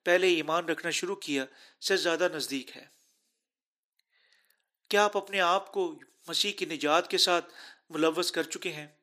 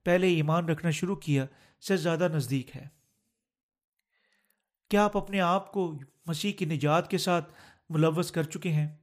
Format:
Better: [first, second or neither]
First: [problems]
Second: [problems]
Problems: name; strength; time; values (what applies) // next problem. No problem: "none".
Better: second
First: thin; somewhat; fading below 300 Hz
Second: none